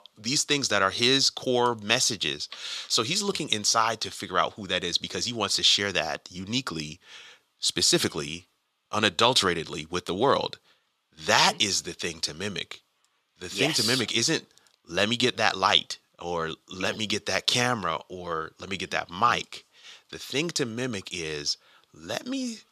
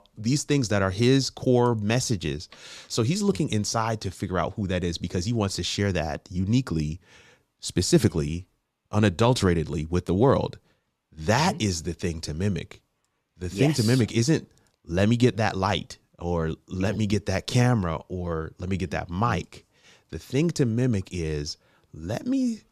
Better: second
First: thin; somewhat; fading below 850 Hz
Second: none

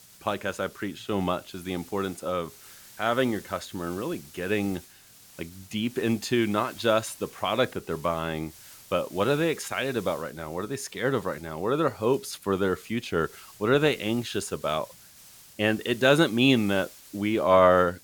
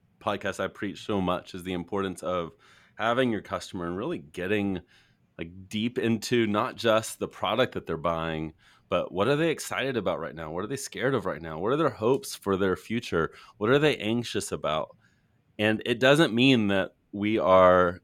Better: second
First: hiss; faint; throughout; 20 dB below the speech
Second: none

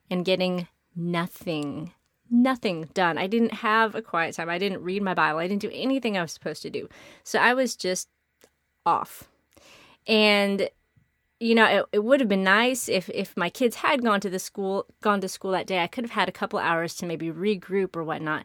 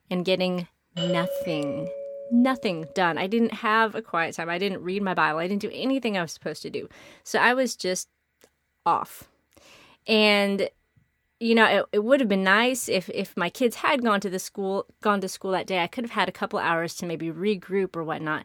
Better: first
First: none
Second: doorbell; noticeable; from 1 to 3 s; peak 3 dB below the speech

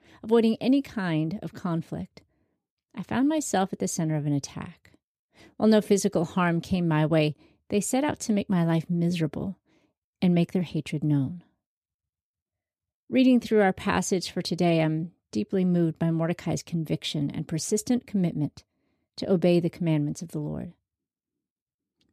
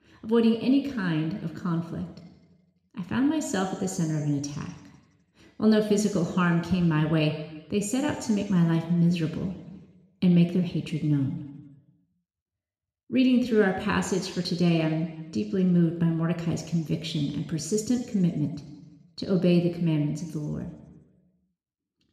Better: first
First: none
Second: room echo; slight; dies away in 1.1 s

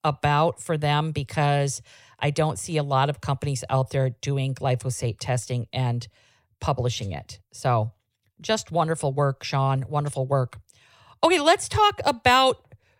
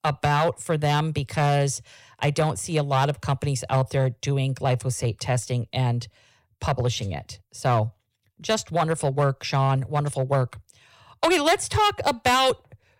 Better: first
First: none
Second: distortion; slight; 4% of the sound clipped

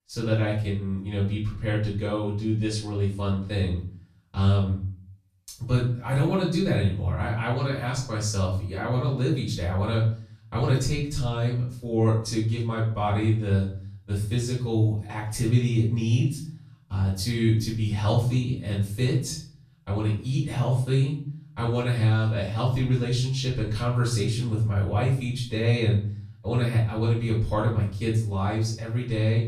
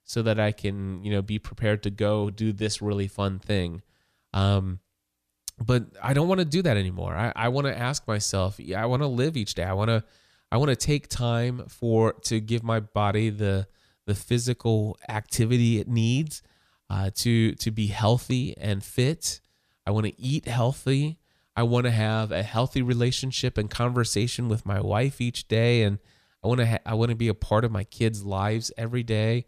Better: second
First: room echo; noticeable; dies away in 0.5 s // off-mic speech; far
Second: none

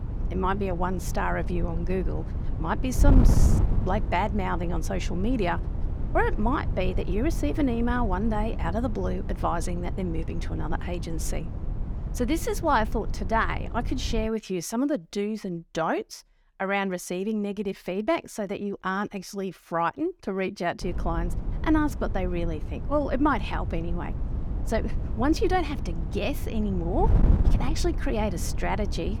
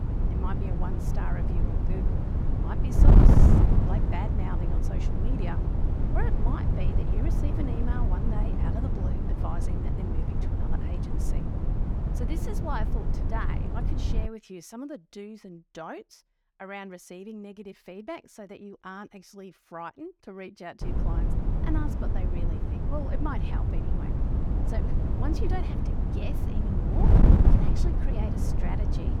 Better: first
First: wind noise on the microphone; occasional gusts; until 14 s and from 21 s on; 15 dB below the speech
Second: wind noise on the microphone; heavy; until 14 s and from 21 s on; 3 dB above the speech

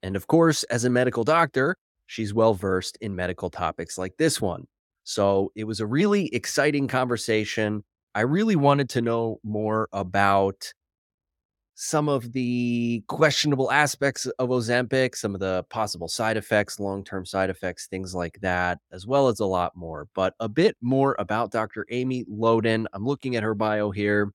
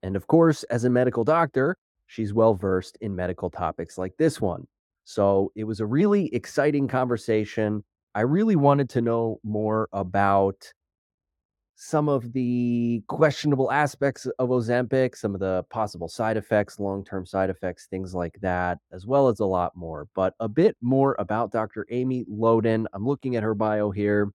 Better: first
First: none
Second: muffled; slightly; fading above 1.5 kHz

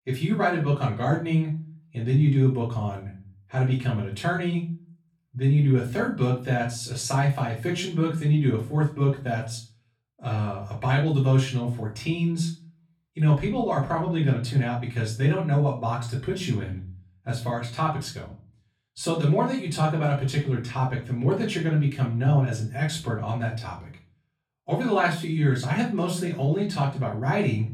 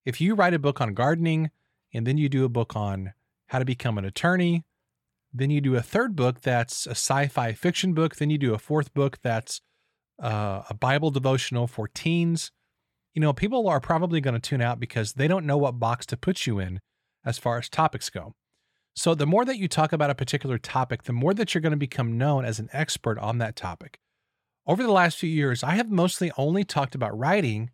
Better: second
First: room echo; slight; dies away in 0.3 s // off-mic speech; far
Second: none

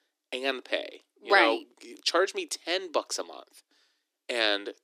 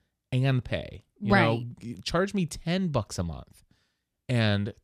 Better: second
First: thin; very; fading below 300 Hz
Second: none

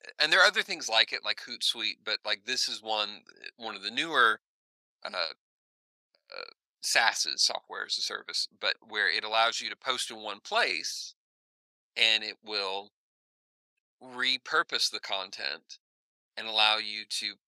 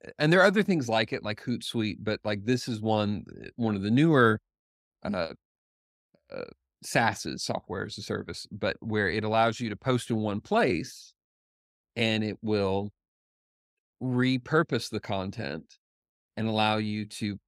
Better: second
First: thin; very; fading below 900 Hz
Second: none

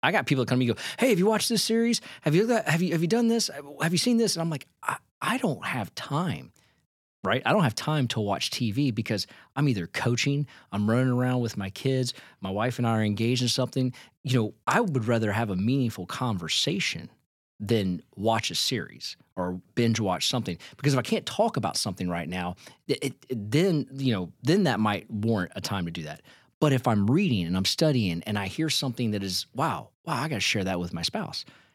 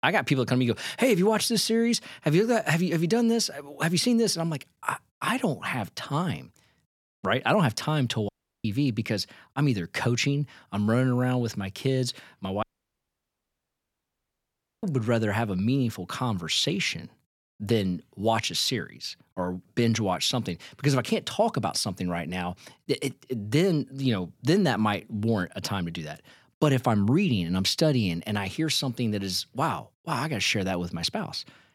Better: first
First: none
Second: audio cutting out; at 8.5 s and at 13 s for 2 s

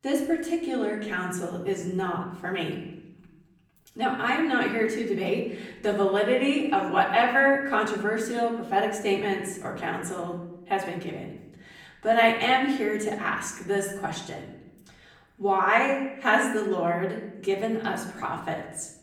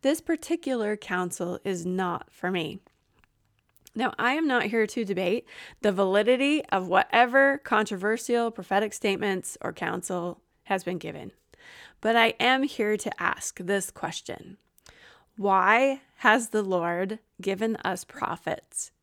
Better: second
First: off-mic speech; far // room echo; noticeable; dies away in 0.8 s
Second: none

